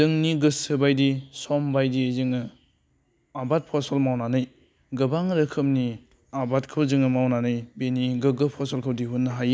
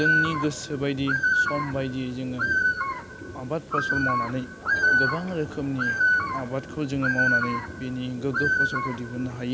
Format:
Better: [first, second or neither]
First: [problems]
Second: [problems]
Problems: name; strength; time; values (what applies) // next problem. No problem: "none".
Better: first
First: none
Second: background sound (Bird); 4 dB above the speech